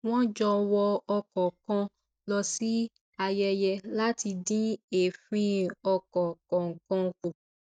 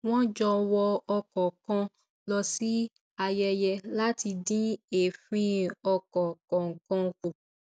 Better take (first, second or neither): second